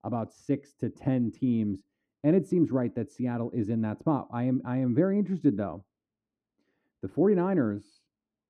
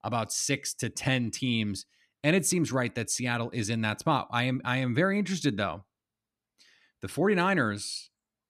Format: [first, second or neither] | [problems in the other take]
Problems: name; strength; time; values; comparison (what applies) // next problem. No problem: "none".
second | muffled; very; fading above 1.5 kHz